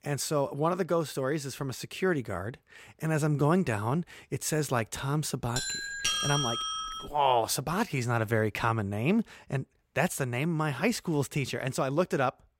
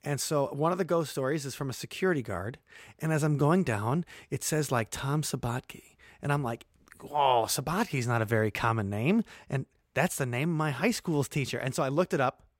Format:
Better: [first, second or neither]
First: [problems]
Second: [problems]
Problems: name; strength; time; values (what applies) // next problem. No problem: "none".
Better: second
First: doorbell; loud; from 5.5 to 7 s; peak 3 dB above the speech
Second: none